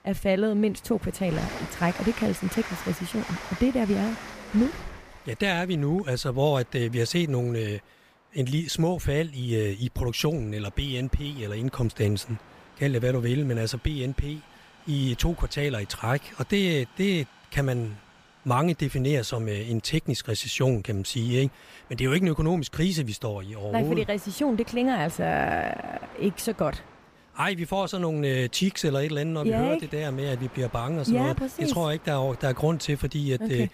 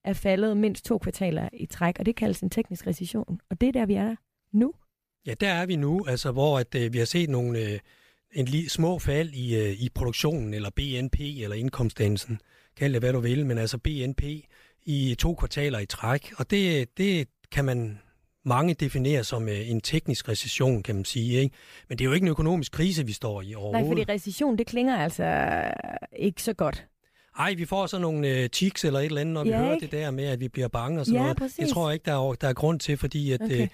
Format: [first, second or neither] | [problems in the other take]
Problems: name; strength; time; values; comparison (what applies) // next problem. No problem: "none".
second | train or aircraft noise; noticeable; throughout; 15 dB below the speech